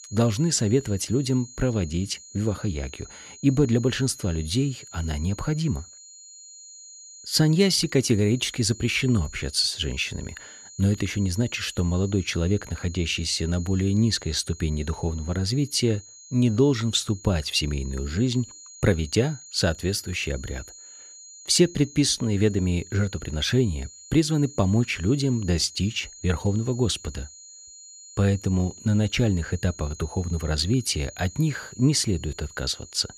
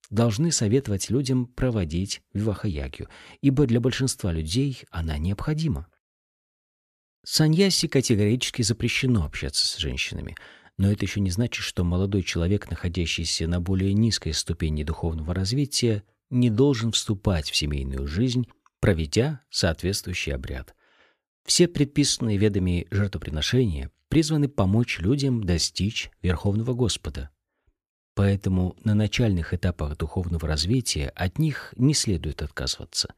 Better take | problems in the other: second | high-pitched whine; noticeable; throughout; 7 kHz, 20 dB below the speech

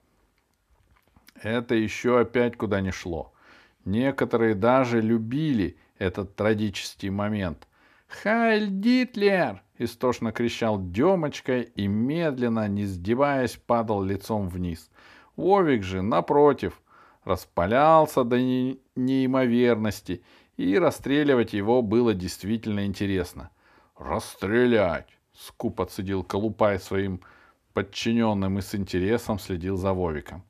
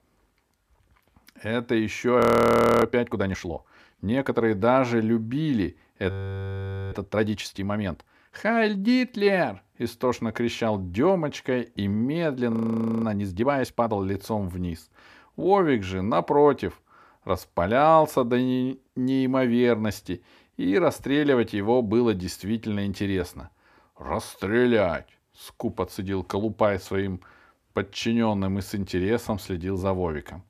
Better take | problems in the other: first | audio freezing; at 2 s for 0.5 s, at 6 s for 1 s and at 13 s for 0.5 s

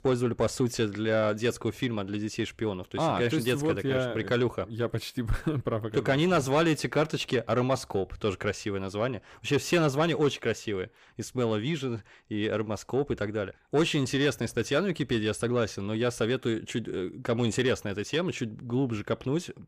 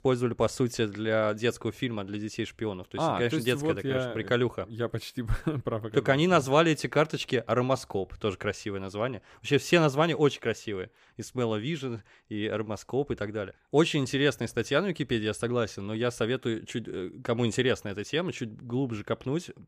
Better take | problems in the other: second | distortion; slight; 10 dB below the speech

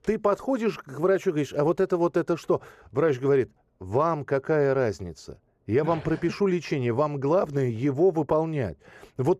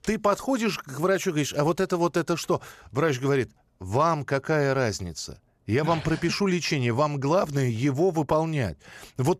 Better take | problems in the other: second | muffled; slightly; fading above 2.5 kHz

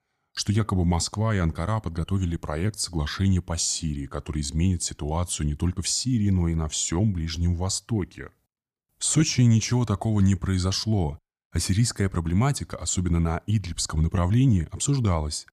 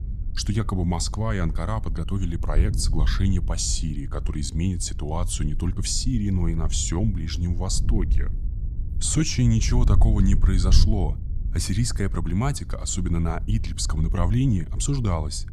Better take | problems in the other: first | wind noise on the microphone; occasional gusts; 15 dB below the speech

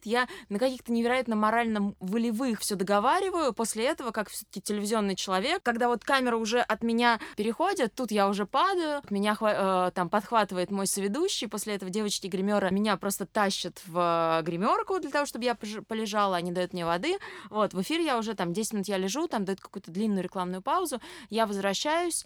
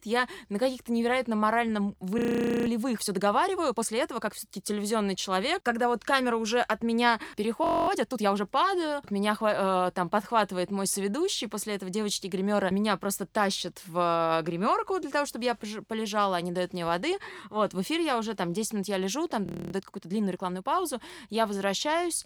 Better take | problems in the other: first | audio freezing; at 2 s, at 7.5 s and at 19 s

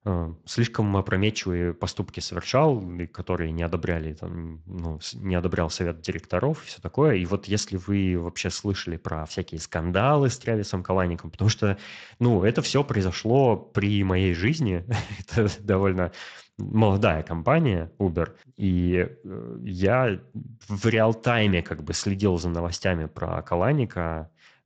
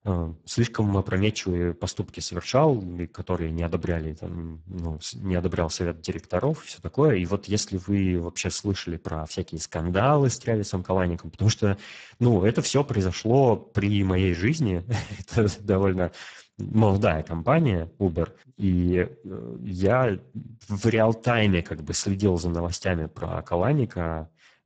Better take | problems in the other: first | garbled, watery; badly; nothing above 7.5 kHz; slightly in the first

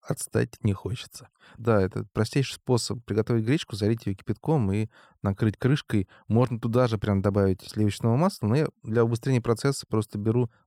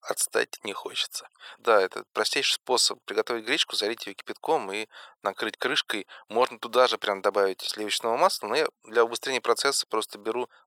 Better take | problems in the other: first | thin; very; fading below 550 Hz

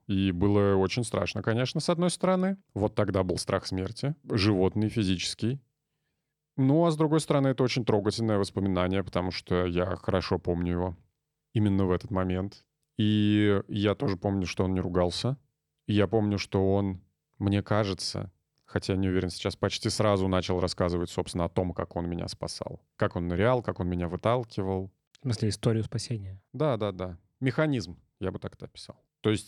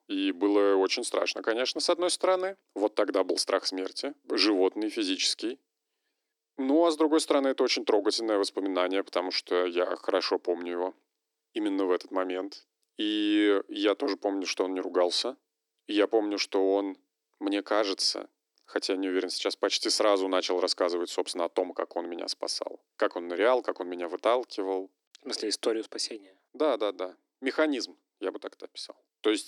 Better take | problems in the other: first | thin; somewhat; fading below 300 Hz

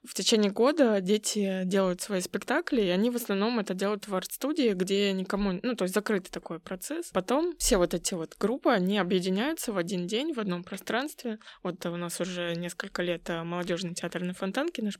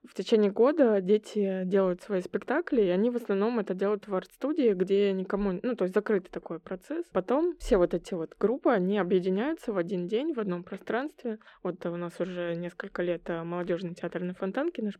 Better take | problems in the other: first | muffled; very; fading above 3.5 kHz

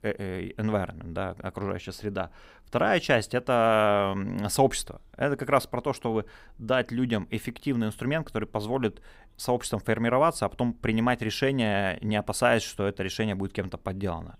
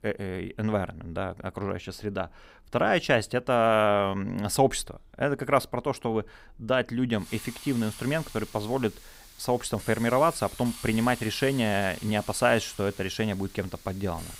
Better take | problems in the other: first | hiss; noticeable; from 7 s on; 15 dB below the speech

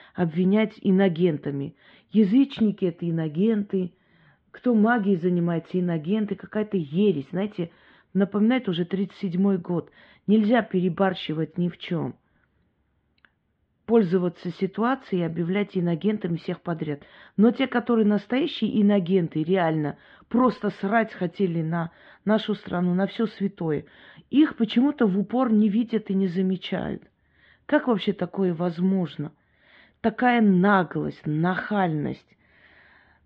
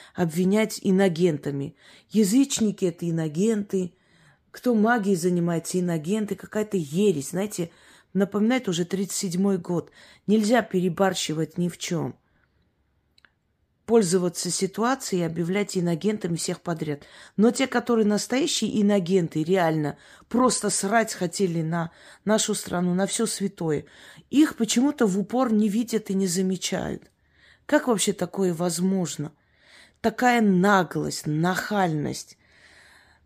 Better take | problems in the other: second | muffled; very; fading above 3.5 kHz

